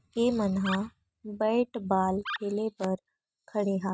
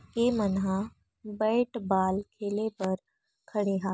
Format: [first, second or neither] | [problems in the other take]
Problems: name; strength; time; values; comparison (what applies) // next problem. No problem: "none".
second | noise reduction (neural mask model RNNoise)